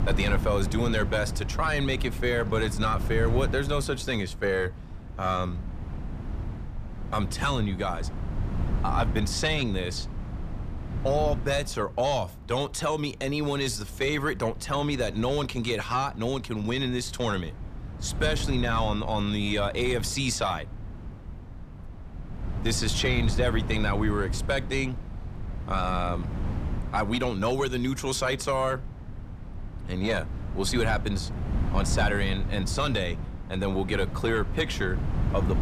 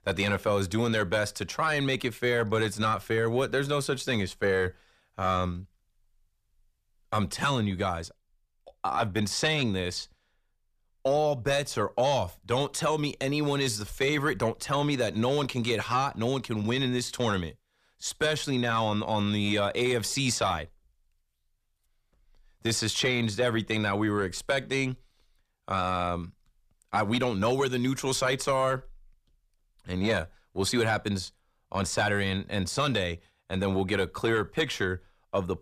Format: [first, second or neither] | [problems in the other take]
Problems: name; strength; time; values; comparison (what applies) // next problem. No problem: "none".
second | wind noise on the microphone; occasional gusts; 15 dB below the speech